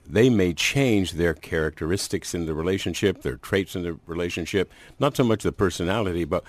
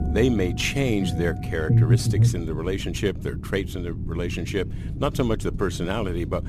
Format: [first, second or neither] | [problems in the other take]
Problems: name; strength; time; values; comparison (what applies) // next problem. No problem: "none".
first | low rumble; loud; throughout; 9 dB below the speech